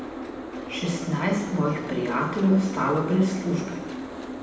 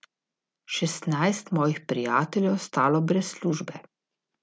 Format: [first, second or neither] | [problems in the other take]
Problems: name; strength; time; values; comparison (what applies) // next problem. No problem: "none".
second | background sound (Boat, Water vehicle); 9 dB below the speech // room echo; dies away in 0.9 s